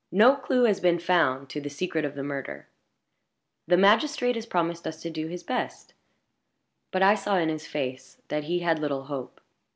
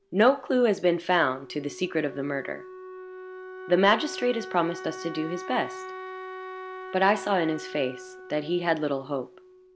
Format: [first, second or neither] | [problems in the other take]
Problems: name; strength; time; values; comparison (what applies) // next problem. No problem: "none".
first | background sound (Wind instrument, woodwind instrument); 13 dB below the speech